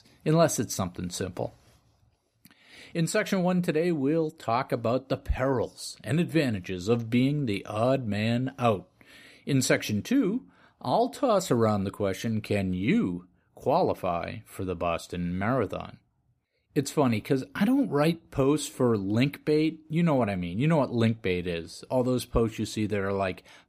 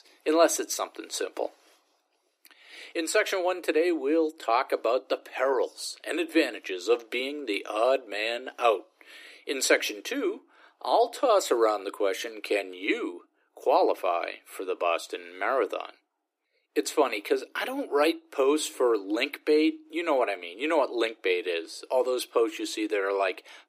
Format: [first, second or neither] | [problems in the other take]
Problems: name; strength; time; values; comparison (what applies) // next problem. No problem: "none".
first | thin; very; fading below 300 Hz